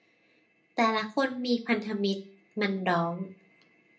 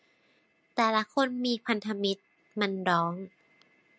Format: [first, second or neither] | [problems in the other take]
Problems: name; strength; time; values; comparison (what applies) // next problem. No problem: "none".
second | room echo; dies away in 0.3 s